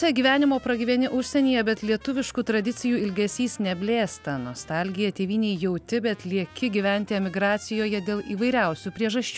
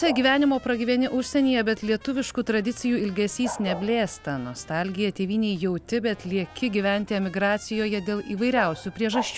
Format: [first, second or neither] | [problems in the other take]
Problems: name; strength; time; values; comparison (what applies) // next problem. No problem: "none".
first | background sound (Bark); 16 dB below the speech